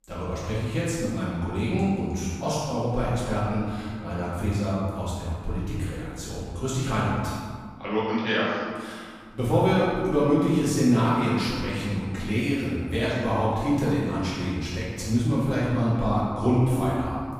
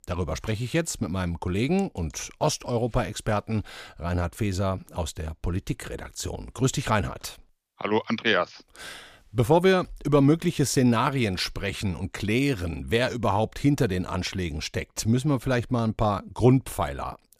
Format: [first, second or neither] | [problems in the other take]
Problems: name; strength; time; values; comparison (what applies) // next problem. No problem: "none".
second | room echo; strong; dies away in 1.8 s // off-mic speech; far